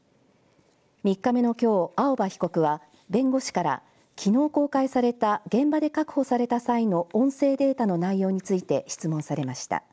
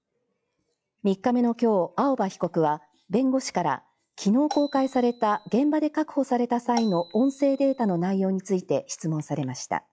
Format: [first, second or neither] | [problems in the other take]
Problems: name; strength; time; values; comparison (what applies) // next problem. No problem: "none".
first | noise reduction (classical method log-MMSE)